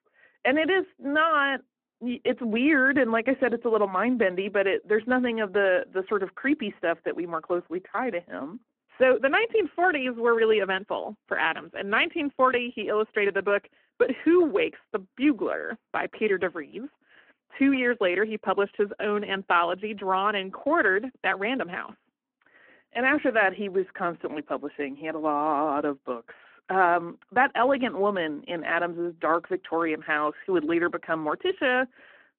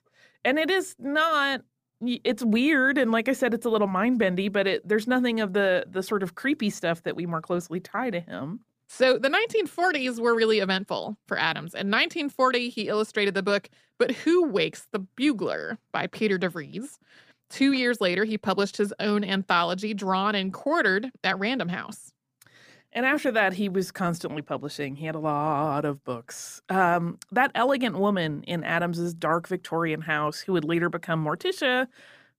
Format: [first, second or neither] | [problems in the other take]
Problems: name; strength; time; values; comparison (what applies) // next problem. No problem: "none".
second | phone-call audio